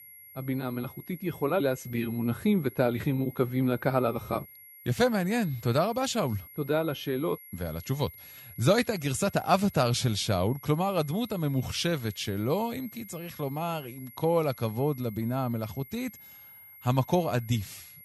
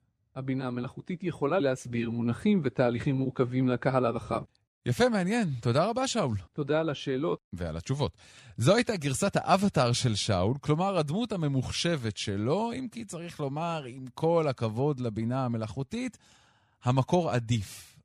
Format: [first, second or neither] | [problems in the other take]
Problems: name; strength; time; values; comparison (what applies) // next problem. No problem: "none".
second | high-pitched whine; noticeable; throughout; 11.5 kHz, 20 dB below the speech